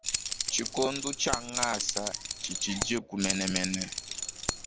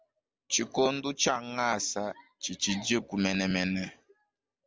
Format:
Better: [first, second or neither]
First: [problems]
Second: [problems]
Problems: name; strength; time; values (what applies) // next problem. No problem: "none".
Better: second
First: background sound (Keys jangling); as loud as the speech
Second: none